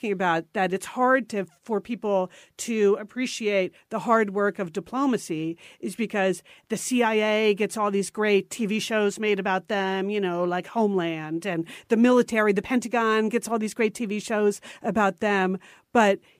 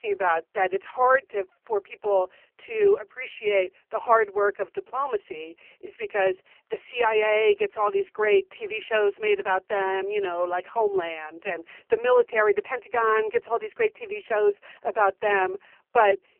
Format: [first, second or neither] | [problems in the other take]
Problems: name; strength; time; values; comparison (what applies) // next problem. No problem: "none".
first | phone-call audio; poor line; nothing above 3 kHz